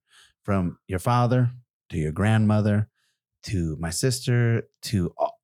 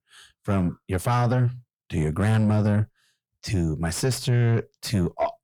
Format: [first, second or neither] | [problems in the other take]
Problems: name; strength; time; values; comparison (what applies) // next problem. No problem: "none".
first | distortion; slight; 10 dB below the speech